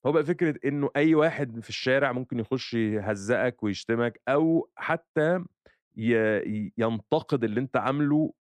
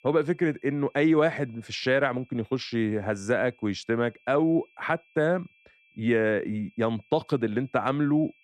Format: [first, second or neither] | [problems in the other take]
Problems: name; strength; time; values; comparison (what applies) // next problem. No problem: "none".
first | high-pitched whine; faint; throughout; 2.5 kHz, 35 dB below the speech